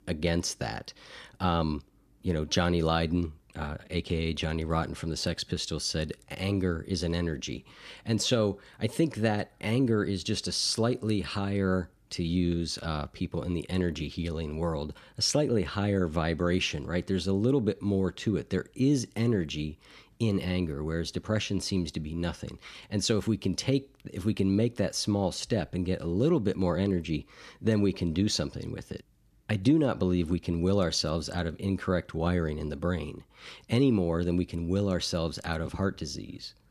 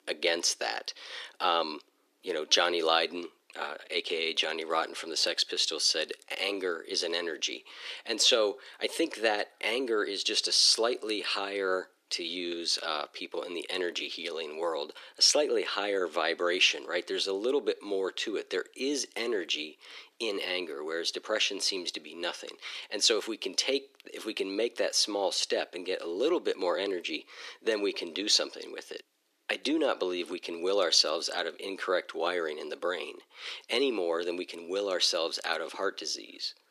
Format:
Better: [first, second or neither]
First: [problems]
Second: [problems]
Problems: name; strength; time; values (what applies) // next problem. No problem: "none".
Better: first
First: none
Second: thin; very; fading below 350 Hz